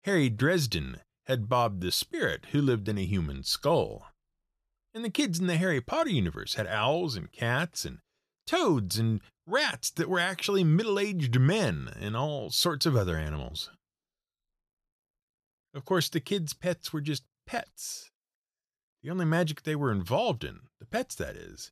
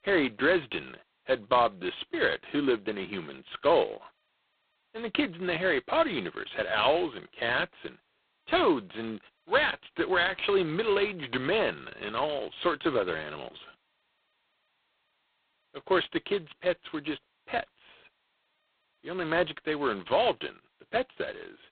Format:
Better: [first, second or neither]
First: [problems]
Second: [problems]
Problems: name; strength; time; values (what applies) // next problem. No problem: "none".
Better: first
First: none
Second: phone-call audio; poor line; nothing above 4 kHz